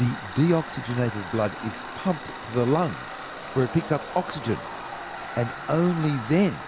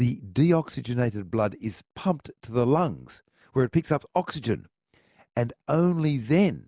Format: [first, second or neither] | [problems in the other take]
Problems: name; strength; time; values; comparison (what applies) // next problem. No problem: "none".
second | background sound (Tools); 10 dB below the speech